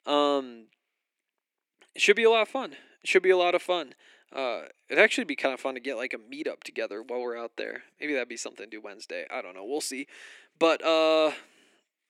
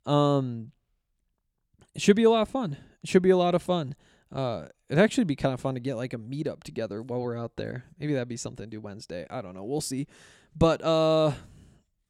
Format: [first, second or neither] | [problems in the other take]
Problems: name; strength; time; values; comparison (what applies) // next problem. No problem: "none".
second | thin; somewhat; fading below 300 Hz